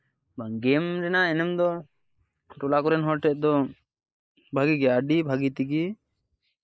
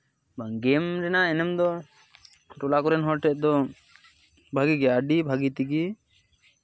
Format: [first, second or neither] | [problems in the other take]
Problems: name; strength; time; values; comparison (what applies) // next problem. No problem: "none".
second | noise reduction (neural mask model Resemble Enhance denoiser)